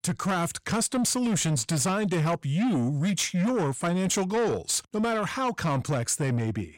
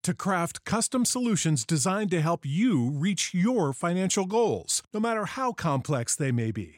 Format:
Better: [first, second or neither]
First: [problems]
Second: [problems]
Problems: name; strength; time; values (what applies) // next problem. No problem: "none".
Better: second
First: distortion; slight; 10 dB below the speech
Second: none